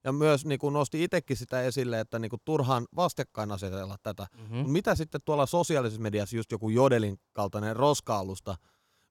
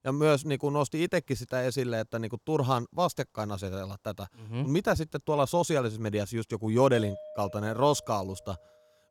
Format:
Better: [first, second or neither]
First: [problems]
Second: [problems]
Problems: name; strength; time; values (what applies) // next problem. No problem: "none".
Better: first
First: none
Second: doorbell; faint; from 7 to 8.5 s; peak 10 dB below the speech